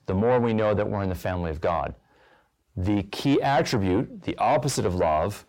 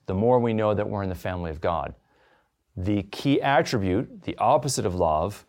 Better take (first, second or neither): second